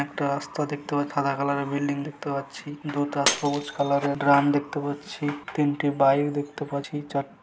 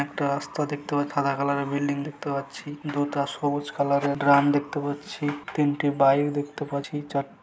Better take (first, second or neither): second